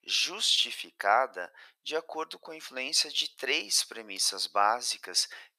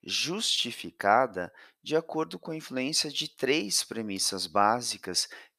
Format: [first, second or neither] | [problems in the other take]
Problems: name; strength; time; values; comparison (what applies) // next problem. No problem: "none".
second | thin; very; fading below 600 Hz